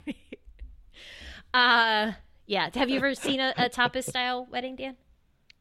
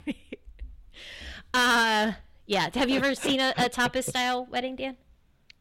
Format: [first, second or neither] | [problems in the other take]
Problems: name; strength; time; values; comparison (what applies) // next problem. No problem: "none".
first | distortion; heavy; 6% of the sound clipped